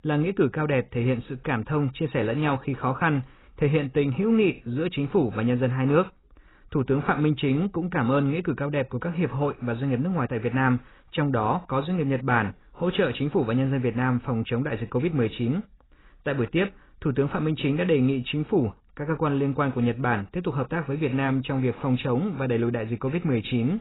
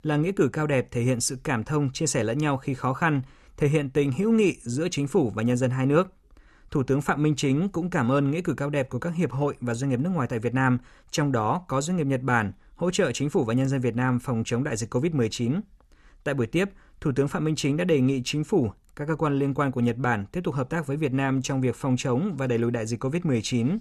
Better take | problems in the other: second | garbled, watery; badly; nothing above 4 kHz

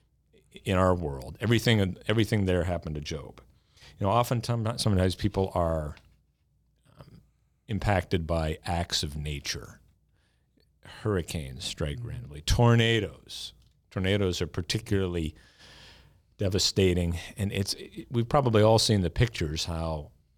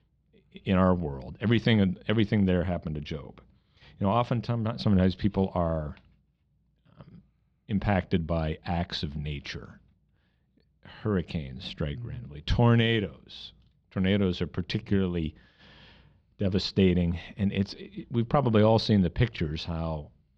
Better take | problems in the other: first | muffled; very slightly; fading above 4 kHz

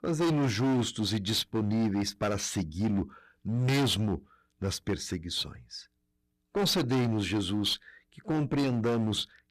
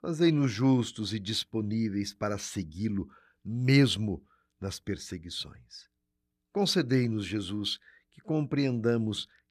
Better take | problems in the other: second | distortion; heavy; 17% of the sound clipped

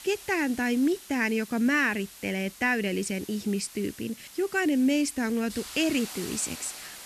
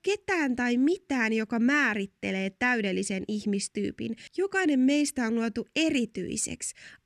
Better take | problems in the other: second | hiss; noticeable; throughout; 15 dB below the speech

